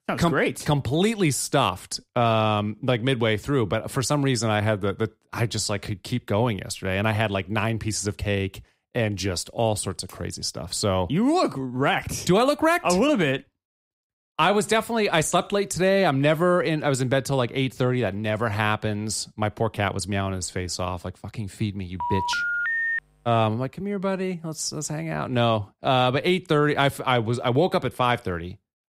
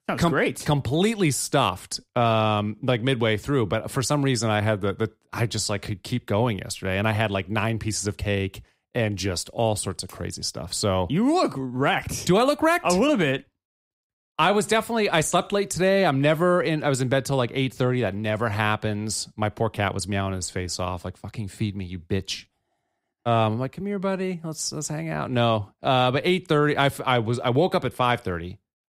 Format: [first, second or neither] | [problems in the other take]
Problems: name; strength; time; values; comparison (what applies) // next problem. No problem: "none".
second | phone ringing; loud; at 22 s; peak 1 dB above the speech